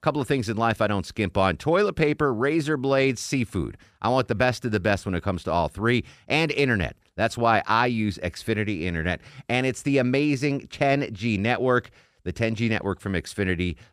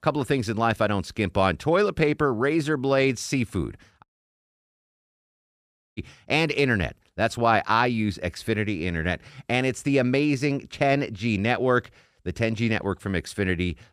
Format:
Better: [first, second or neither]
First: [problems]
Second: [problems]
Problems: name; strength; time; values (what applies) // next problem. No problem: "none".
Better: first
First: none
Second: audio cutting out; at 4 s for 2 s